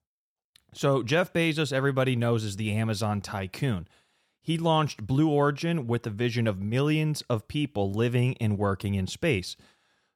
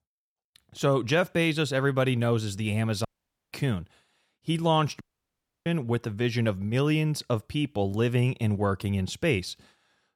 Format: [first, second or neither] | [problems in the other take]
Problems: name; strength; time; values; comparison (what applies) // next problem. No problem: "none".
first | audio cutting out; at 3 s and at 5 s for 0.5 s